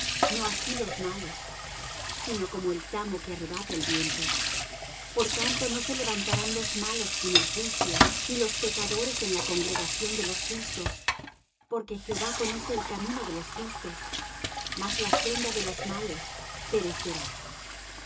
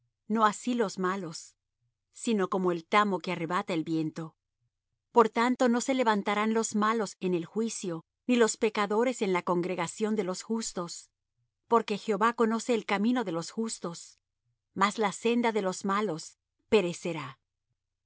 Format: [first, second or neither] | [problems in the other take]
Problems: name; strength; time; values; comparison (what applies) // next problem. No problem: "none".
second | background sound (Sink (filling or washing) / Water tap, faucet); 3 dB above the speech // room echo; dies away in 0.2 s